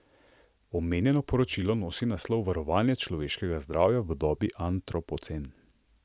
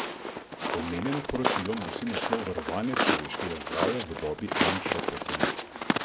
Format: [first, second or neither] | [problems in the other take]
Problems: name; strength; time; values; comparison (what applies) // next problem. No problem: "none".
first | background sound (Walk, footsteps); 4 dB above the speech // room echo; dies away in 1.3 s